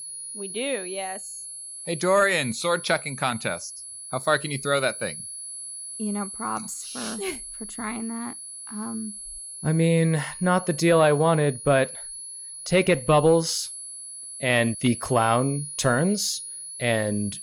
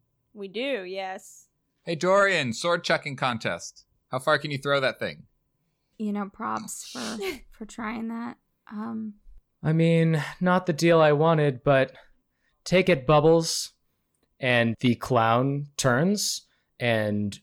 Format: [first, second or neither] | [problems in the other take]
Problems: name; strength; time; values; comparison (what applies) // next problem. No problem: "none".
second | high-pitched whine; noticeable; throughout; 10.5 kHz, 10 dB below the speech